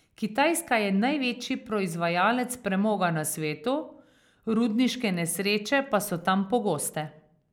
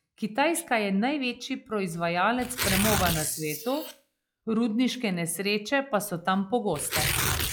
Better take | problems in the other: first | noise reduction (classical method log-MMSE)

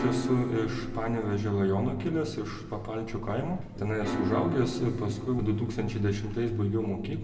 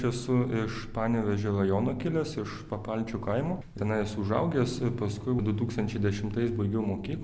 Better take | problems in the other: second | background sound (Piano); 9 dB below the speech // room echo; dies away in 1.5 s

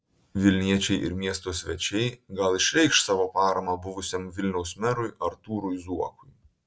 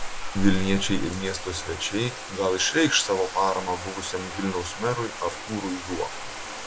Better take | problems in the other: first | background sound (Bathtub (filling or washing)); 4 dB below the speech

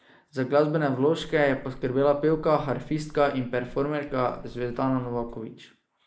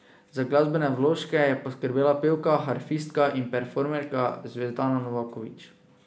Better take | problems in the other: second | noise reduction (neural mask model Resemble Enhance denoiser)

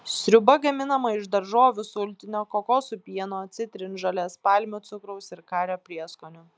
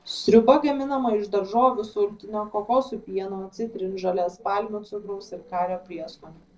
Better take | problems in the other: first | noise reduction (neural separator model SepFormer DNS4)

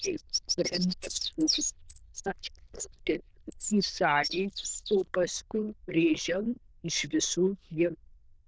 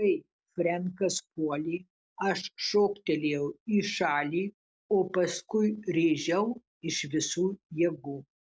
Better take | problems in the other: second | noise reduction (neural diffusion model UNIVERSE++)

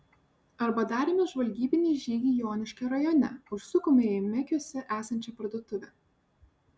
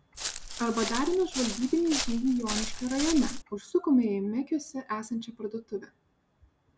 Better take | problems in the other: first | background sound (Walk, footsteps); 5 dB below the speech

